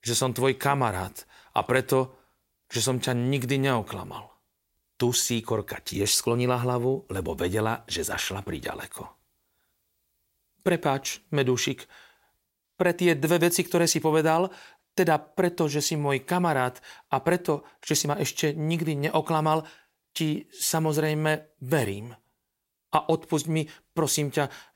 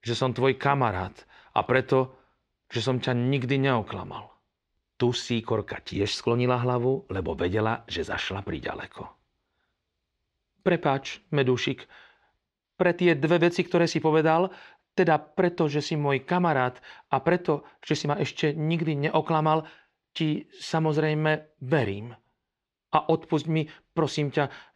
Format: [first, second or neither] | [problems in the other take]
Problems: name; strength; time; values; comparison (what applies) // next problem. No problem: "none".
first | muffled; slightly; fading above 4 kHz